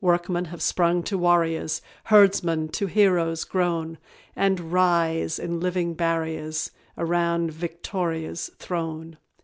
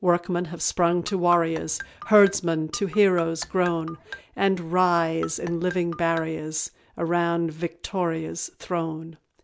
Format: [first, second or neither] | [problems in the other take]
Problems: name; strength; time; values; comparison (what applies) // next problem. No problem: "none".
first | background sound (Marimba, xylophone); 16 dB below the speech